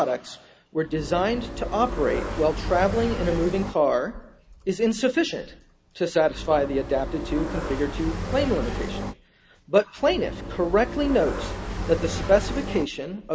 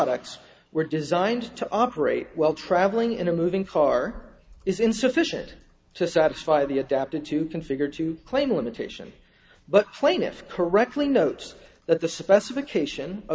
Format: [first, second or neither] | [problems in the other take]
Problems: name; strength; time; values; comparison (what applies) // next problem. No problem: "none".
second | background sound (Motorcycle); 6 dB below the speech